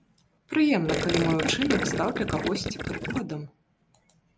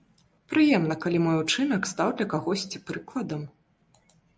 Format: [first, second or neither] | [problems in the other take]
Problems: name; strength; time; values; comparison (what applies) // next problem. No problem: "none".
second | background sound (Gurgling); 1 dB below the speech